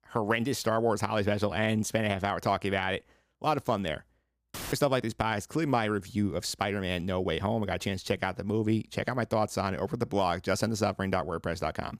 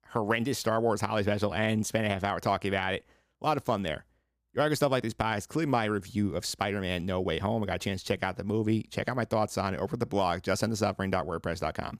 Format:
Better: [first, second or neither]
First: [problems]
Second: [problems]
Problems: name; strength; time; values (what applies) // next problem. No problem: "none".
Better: second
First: audio cutting out; filled with static; at 4.5 s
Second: none